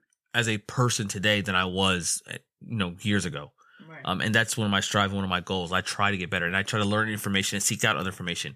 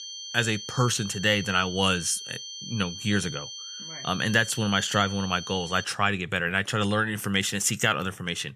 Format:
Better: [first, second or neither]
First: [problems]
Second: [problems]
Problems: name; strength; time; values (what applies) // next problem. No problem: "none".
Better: first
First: none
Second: high-pitched whine; noticeable; until 6 s; 3 kHz, 10 dB below the speech